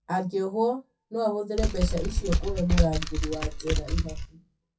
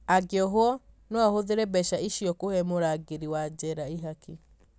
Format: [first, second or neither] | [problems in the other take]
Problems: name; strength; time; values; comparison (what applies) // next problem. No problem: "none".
second | noise reduction (classical method WPE with log-MMSE)